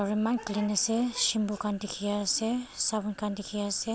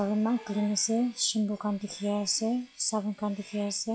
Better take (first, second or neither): first